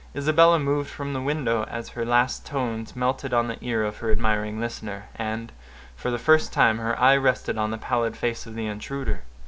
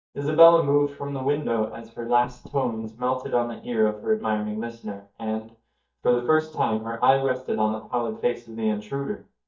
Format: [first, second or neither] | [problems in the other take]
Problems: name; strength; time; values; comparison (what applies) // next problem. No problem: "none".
first | noise reduction (neural mask model DeepFilterNet 3)